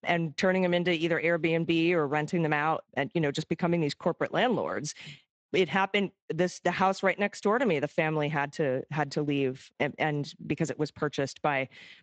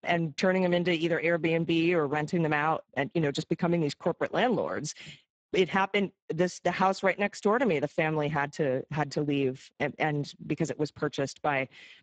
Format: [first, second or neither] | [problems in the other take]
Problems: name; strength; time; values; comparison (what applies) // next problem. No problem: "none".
first | garbled, watery; badly; nothing above 7.5 kHz; slightly in the first